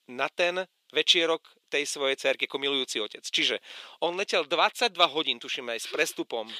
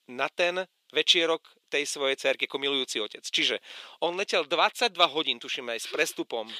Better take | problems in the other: neither | thin; very; fading below 400 Hz; the same in both

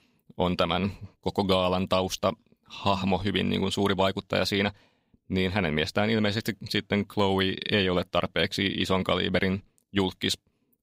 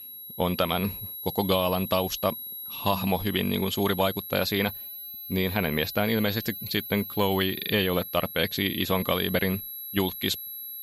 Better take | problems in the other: first | high-pitched whine; loud; throughout; 11.5 kHz, 8 dB below the speech

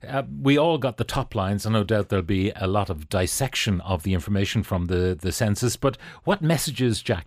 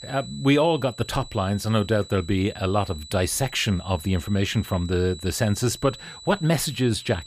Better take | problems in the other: first | high-pitched whine; noticeable; throughout; 4 kHz, 15 dB below the speech

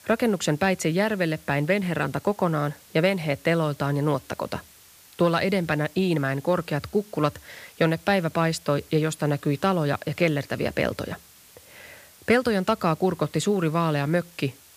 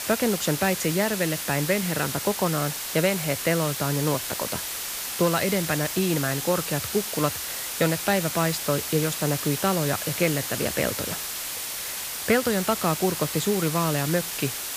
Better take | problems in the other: first | hiss; loud; throughout; 3 dB below the speech; faint in the first

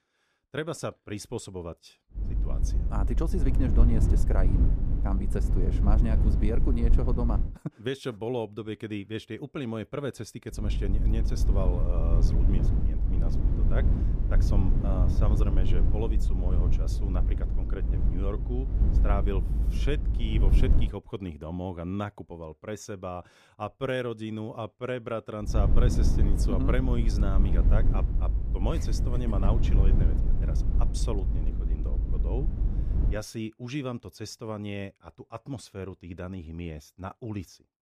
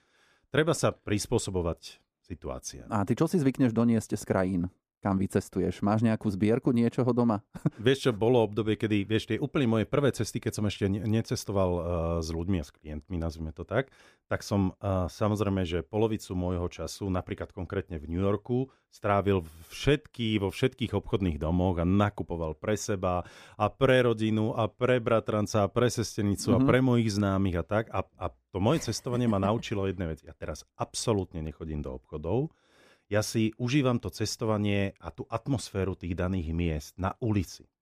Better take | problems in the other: second | low rumble; loud; from 2 to 7.5 s, from 11 to 21 s and from 25 to 33 s; 5 dB below the speech

